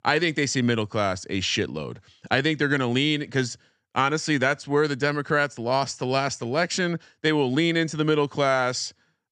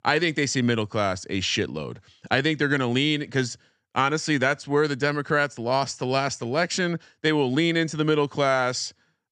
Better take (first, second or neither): neither